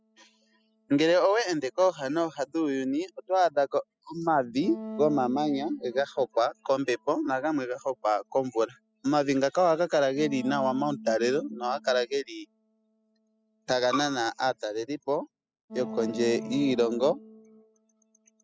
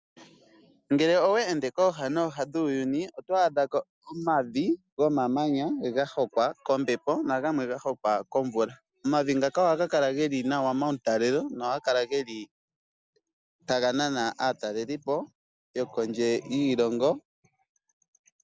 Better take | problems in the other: second | noise reduction (classical method spectral subtraction)

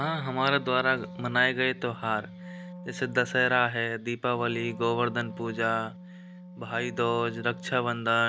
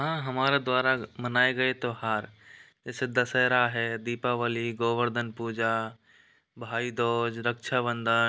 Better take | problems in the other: second | background sound (Wind instrument, woodwind instrument); 15 dB below the speech

